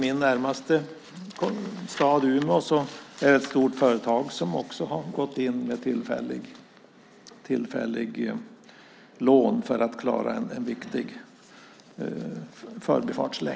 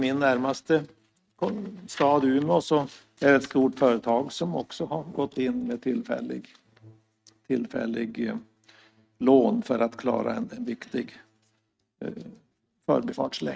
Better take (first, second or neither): first